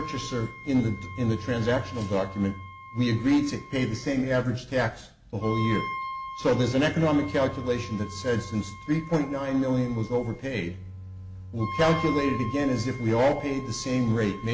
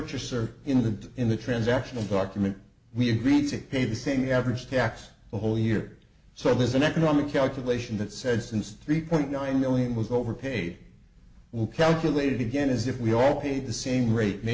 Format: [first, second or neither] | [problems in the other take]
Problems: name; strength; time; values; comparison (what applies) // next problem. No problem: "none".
second | background sound (Bowed string instrument + Wind instrument, woodwind instrument); 12 dB below the speech